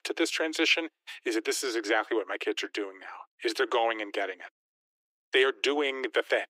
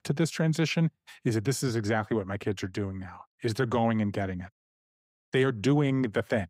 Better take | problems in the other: second | thin; very; fading below 300 Hz

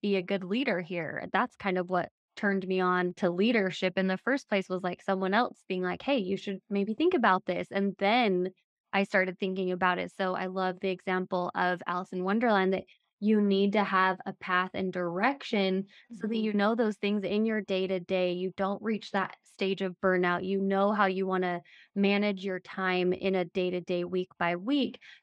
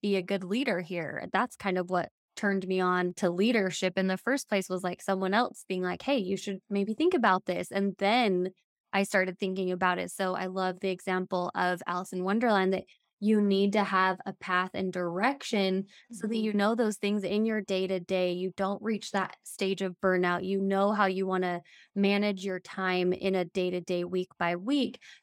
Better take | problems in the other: second | muffled; very slightly; fading above 3 kHz

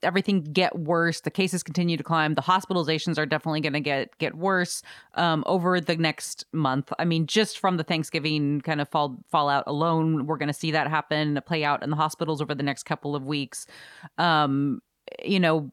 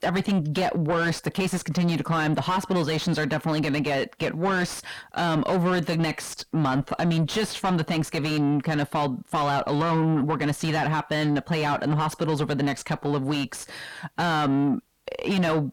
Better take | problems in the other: first | distortion; heavy; 6 dB below the speech

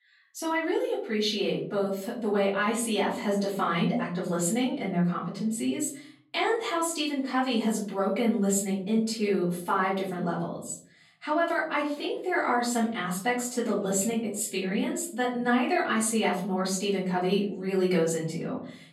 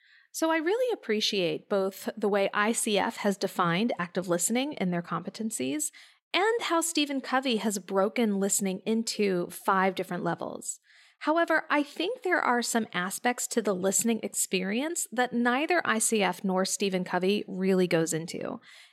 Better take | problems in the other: second | off-mic speech; far // room echo; slight; dies away in 0.7 s

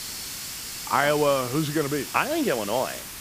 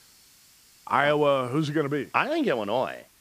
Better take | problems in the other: second | hiss; loud; throughout; 8 dB below the speech; faint in the second

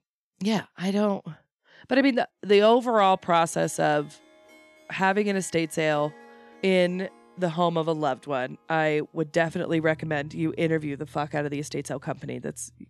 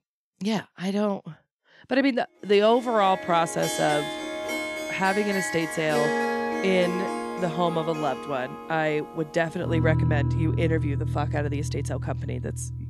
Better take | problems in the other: first | background music; loud; from 3 s on; 3 dB below the speech; faint in the first

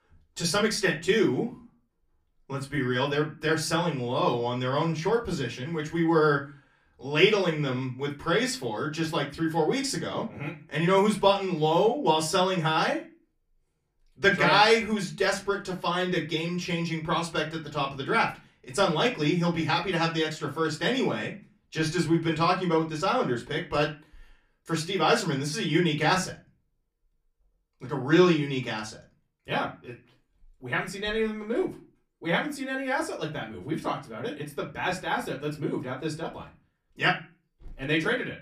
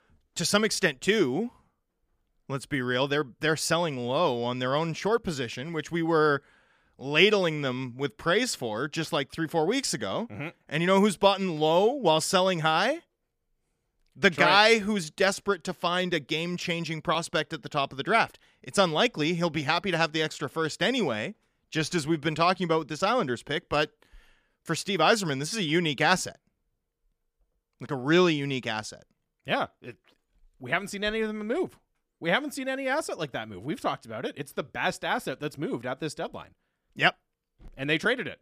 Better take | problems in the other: second | off-mic speech; far // room echo; very slight; dies away in 0.3 s

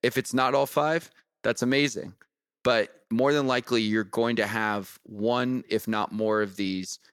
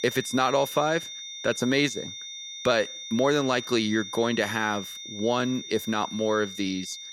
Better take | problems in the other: first | high-pitched whine; loud; throughout; 3.5 kHz, 10 dB below the speech

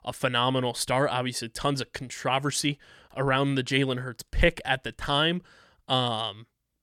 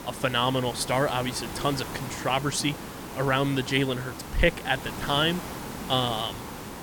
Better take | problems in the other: first | hiss; loud; throughout; 10 dB below the speech

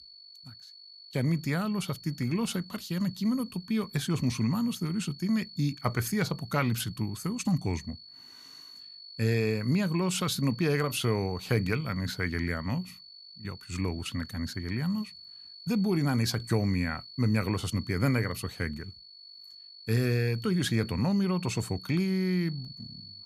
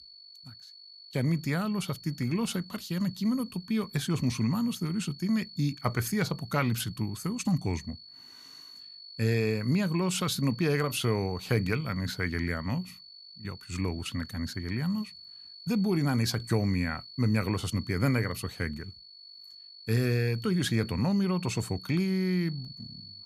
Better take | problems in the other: neither | high-pitched whine; noticeable; throughout; 4.5 kHz, 15 dB below the speech; the same in both

